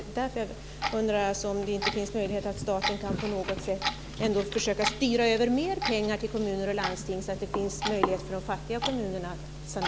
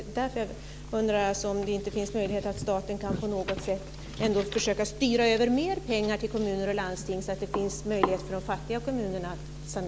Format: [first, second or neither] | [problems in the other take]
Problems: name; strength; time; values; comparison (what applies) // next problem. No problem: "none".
second | background sound (Clock); 9 dB below the speech